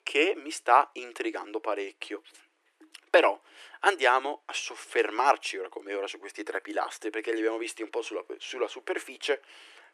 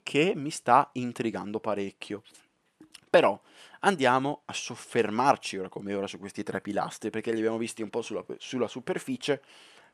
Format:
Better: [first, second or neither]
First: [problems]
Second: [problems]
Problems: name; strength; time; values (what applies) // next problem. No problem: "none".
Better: second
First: thin; very; fading below 300 Hz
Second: none